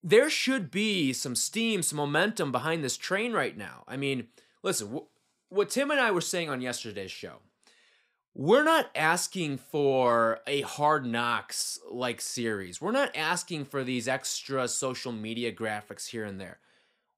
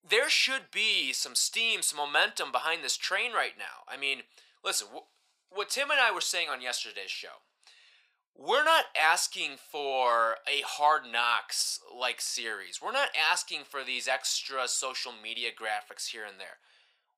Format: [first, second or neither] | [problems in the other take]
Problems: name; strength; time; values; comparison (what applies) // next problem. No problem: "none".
first | thin; very; fading below 850 Hz